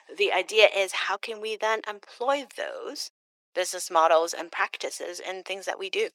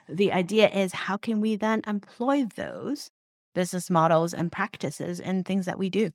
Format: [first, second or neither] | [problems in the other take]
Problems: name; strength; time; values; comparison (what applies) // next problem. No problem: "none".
second | thin; very; fading below 400 Hz